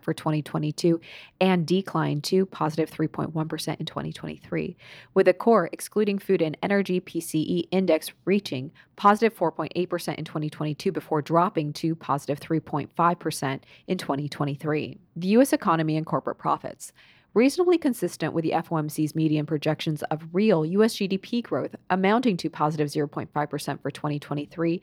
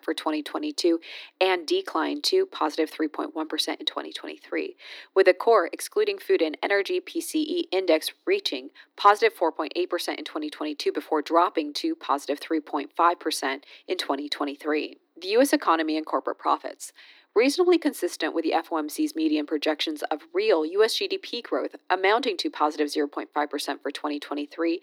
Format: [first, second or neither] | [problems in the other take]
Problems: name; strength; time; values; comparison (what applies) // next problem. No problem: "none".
first | thin; somewhat; fading below 300 Hz